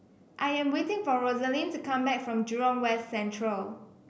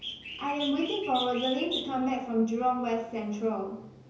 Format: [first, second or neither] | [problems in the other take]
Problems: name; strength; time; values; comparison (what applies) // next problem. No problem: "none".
first | background sound (Bird); 11 dB below the speech // room echo; dies away in 0.7 s